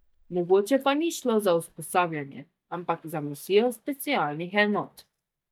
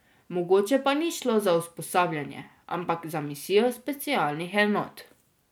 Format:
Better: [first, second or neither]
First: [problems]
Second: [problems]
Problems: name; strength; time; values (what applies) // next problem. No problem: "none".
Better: second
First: noise reduction (neural mask model DeepFilterNet 3)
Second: none